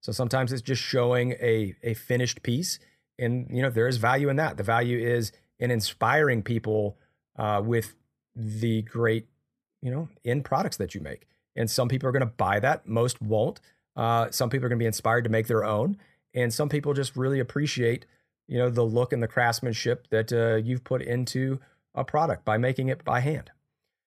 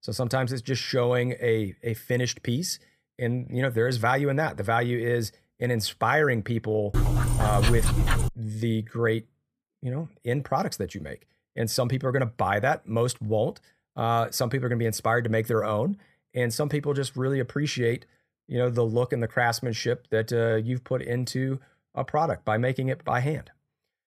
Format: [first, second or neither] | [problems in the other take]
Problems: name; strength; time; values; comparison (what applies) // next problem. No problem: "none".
first | dog barking; loud; from 7 to 8.5 s; peak 3 dB above the speech